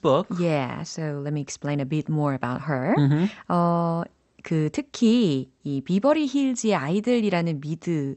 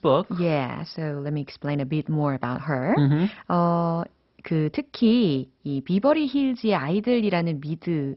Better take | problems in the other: first | garbled, watery; badly; nothing above 5.5 kHz; slightly in the first

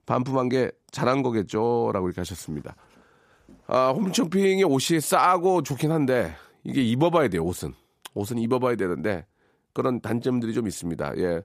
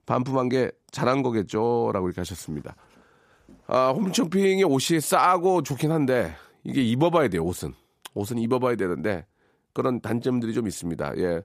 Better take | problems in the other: neither | none

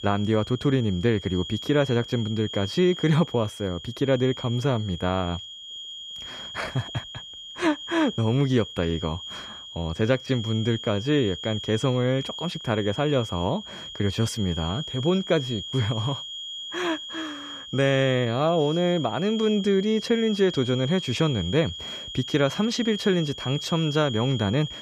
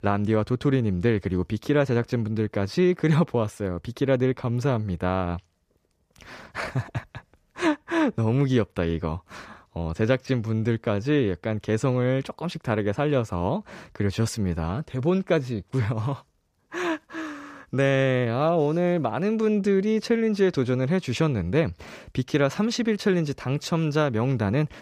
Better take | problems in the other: second | high-pitched whine; loud; throughout; 3.5 kHz, 10 dB below the speech

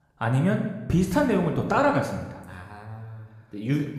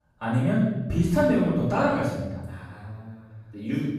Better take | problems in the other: first | room echo; strong; dies away in 1 s; slight in the first // off-mic speech; far

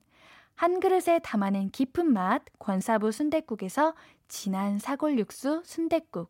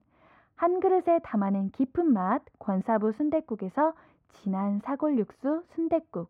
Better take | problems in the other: first | muffled; very; fading above 3 kHz

